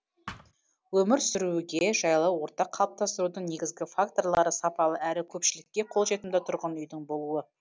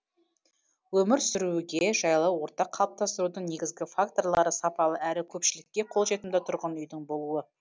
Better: second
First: background sound (Thump, thud); 15 dB below the speech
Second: none

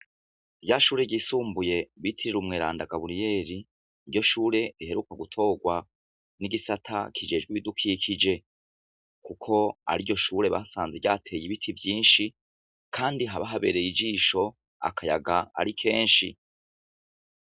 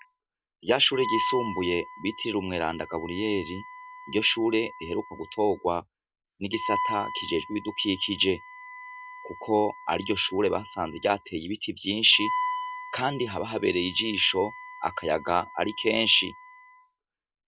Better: first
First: none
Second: background sound (Wind instrument, woodwind instrument); 10 dB below the speech

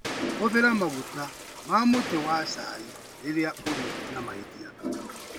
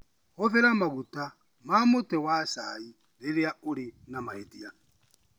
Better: second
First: background sound (Gunshot, gunfire + Toilet flush); 8 dB below the speech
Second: none

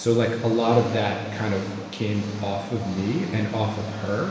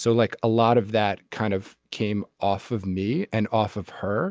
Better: second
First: background sound (Engine); 13 dB below the speech // room echo; dies away in 1.3 s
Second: none

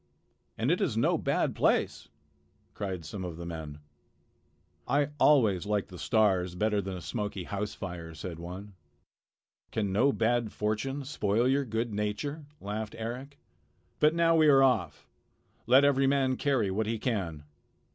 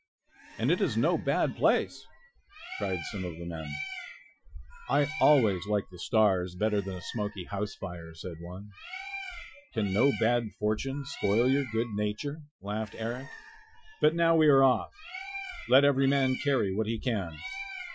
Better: first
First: none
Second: noise reduction (classical method Wiener filter)

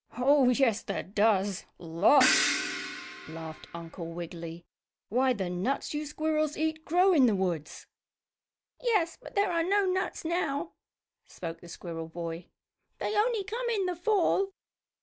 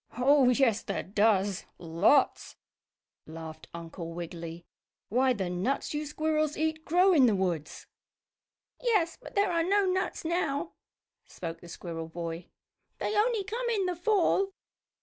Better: second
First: background sound (Crash cymbal); 3 dB below the speech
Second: none

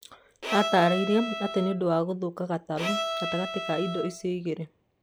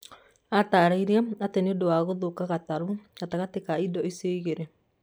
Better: second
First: background sound (Bowed string instrument); 5 dB below the speech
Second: none

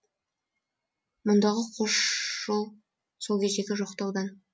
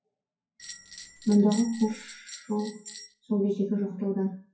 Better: first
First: none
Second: noise reduction (classical method WPE with log-MMSE)

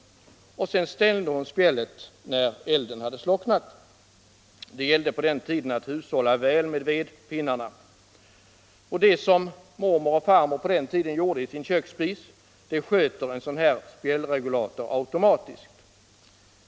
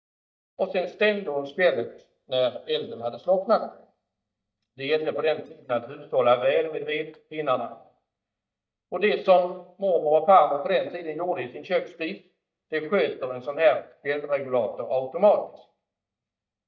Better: first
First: none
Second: noise reduction (neural mask model DeepFilterNet 3)

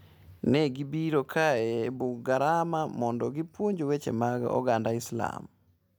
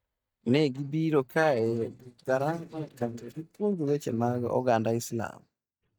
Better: first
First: none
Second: noise reduction (neural mask model DeepFilterNet 3)

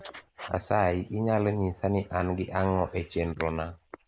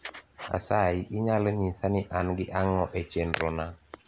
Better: second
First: noise reduction (neural mask model Resemble Enhance denoiser)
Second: none

